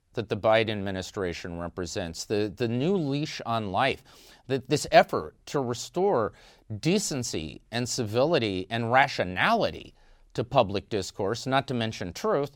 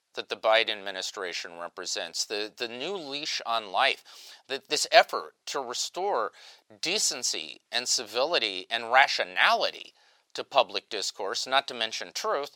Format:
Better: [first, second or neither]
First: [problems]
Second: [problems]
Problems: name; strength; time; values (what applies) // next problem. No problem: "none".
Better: first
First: none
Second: thin; very; fading below 650 Hz